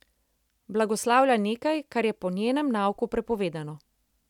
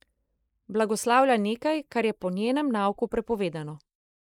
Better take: first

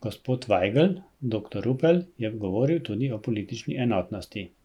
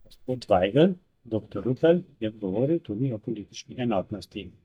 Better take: first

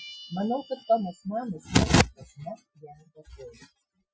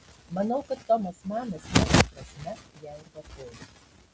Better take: second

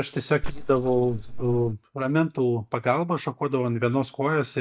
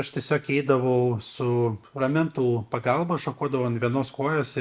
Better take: second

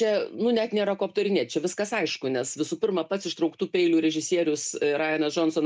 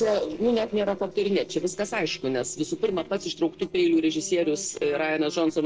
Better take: first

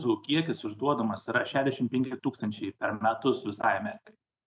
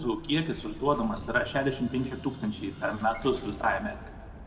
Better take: first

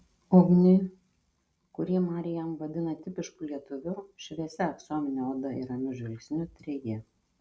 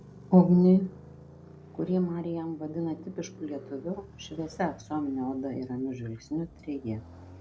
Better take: first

